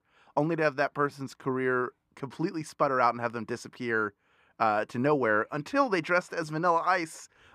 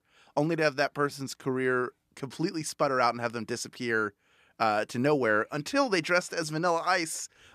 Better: second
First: muffled; slightly; fading above 3 kHz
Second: none

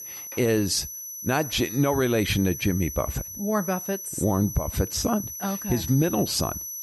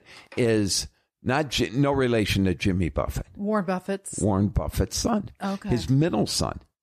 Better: second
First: high-pitched whine; loud; throughout; 6 kHz, 8 dB below the speech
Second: none

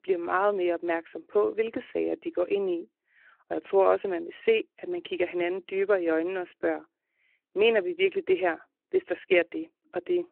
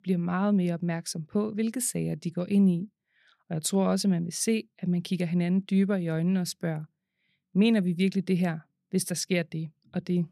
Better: second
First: phone-call audio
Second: none

